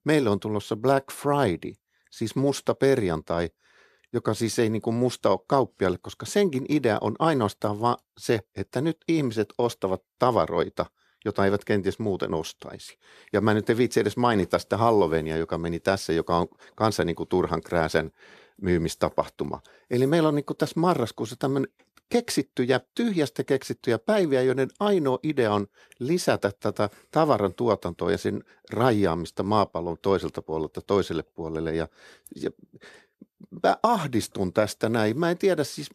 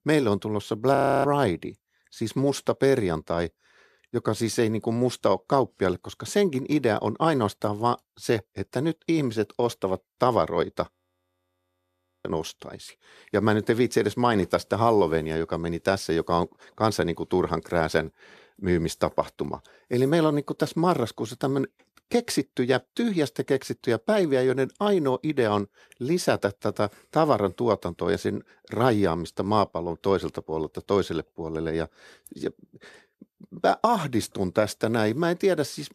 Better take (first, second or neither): first